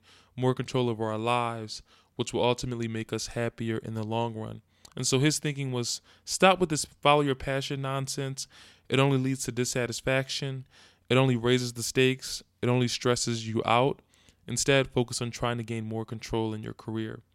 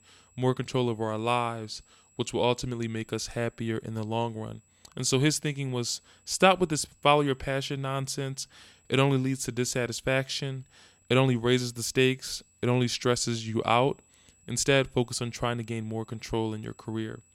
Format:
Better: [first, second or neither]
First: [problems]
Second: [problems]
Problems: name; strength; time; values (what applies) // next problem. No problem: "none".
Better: first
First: none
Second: high-pitched whine; faint; throughout; 7.5 kHz, 35 dB below the speech